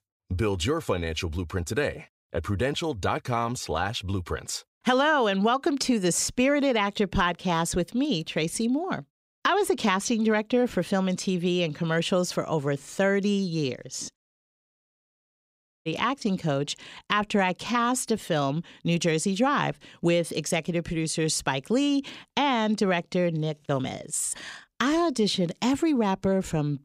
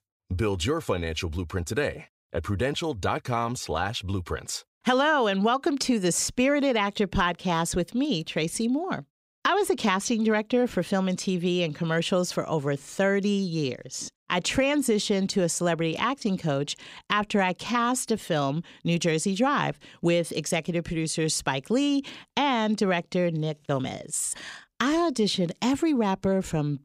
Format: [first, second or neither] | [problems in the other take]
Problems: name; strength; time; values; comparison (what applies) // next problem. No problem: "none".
second | audio cutting out; at 14 s for 1.5 s